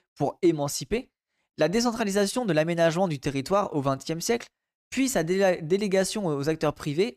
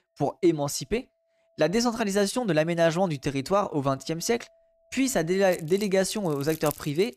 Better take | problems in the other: first | household noises; noticeable; throughout; 15 dB below the speech

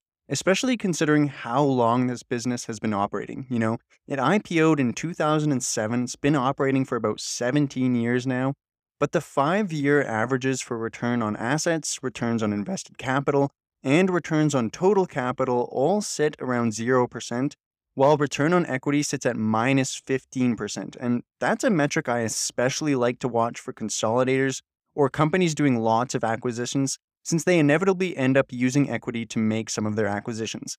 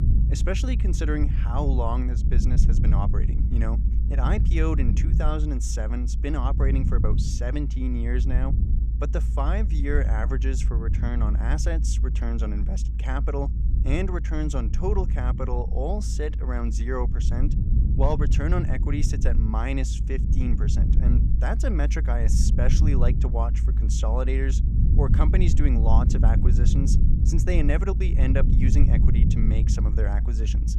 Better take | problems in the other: first | low rumble; loud; throughout; 6 dB below the speech

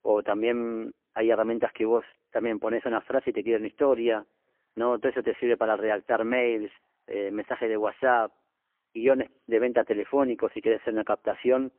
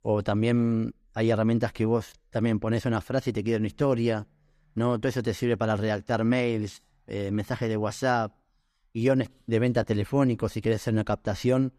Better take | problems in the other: second | phone-call audio; poor line; nothing above 3 kHz

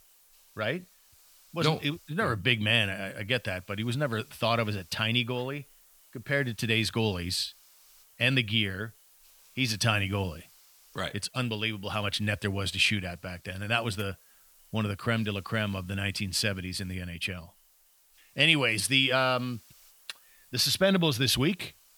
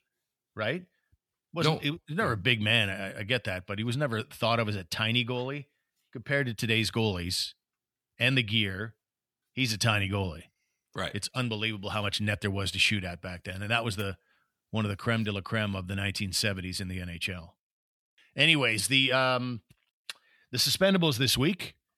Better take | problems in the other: second | hiss; faint; throughout; 30 dB below the speech

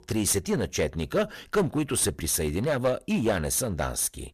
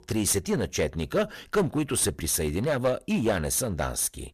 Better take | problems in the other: neither | distortion; slight; 7% of the sound clipped; the same in both

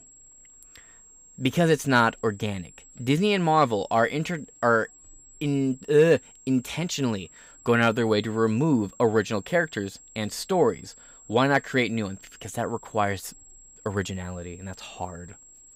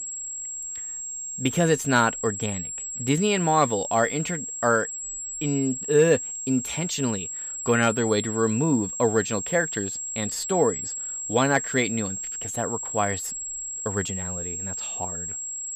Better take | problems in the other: first | high-pitched whine; loud; throughout; 7.5 kHz, 5 dB below the speech; faint in the first

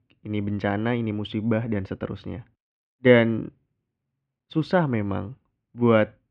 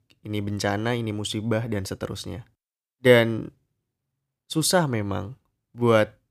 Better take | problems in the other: second | muffled; very; fading above 2.5 kHz

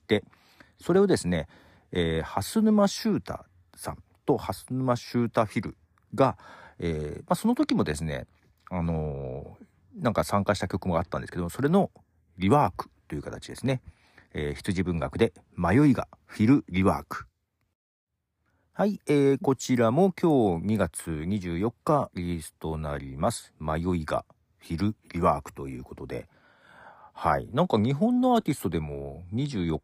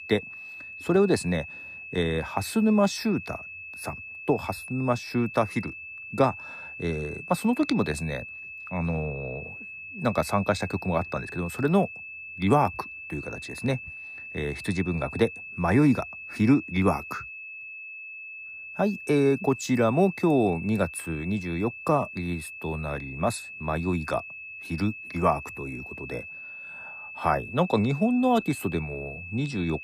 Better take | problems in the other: first | high-pitched whine; noticeable; throughout; 2.5 kHz, 10 dB below the speech

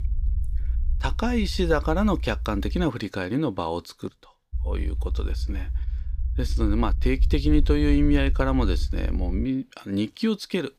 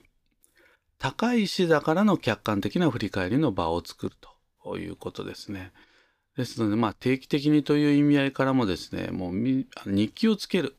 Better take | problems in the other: second | low rumble; faint; until 3 s and from 4.5 to 9.5 s; 20 dB below the speech

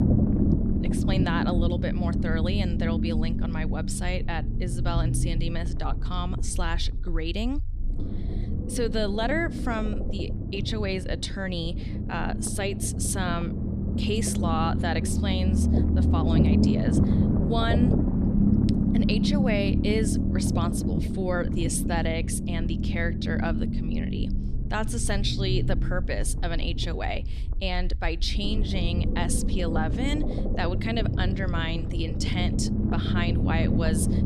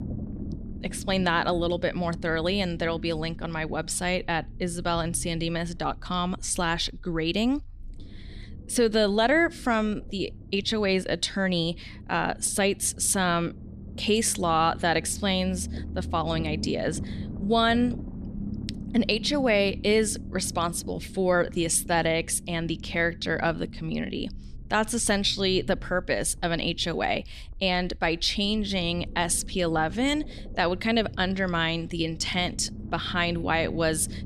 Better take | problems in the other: second | low rumble; loud; throughout; 3 dB below the speech; faint in the second

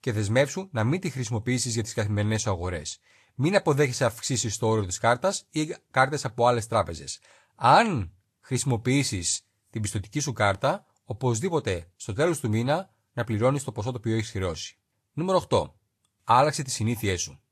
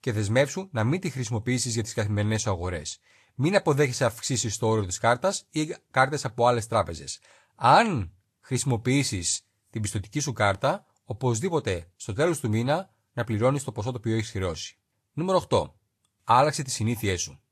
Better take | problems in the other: neither | garbled, watery; slightly; nothing above 13.5 kHz; the same in both

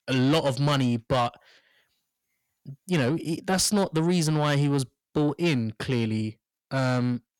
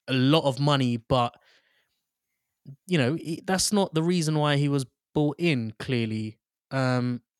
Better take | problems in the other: second | distortion; slight; 10 dB below the speech

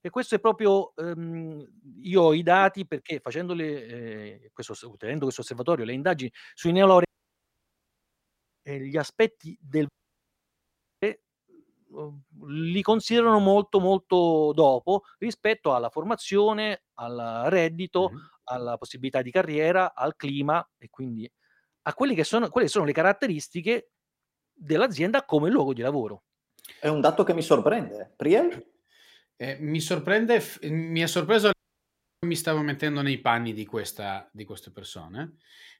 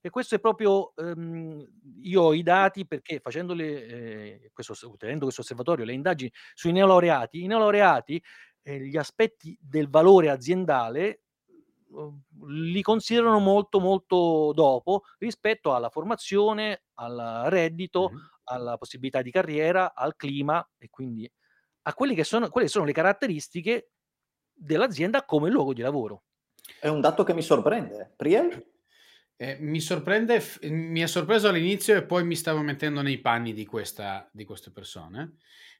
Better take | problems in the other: second | audio cutting out; at 7 s for 1.5 s, at 10 s for 1 s and at 32 s for 0.5 s

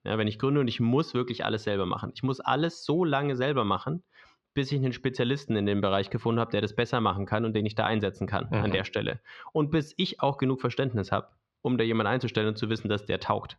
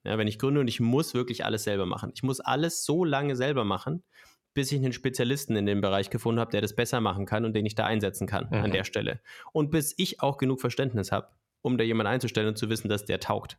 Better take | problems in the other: second | muffled; very slightly; fading above 4.5 kHz

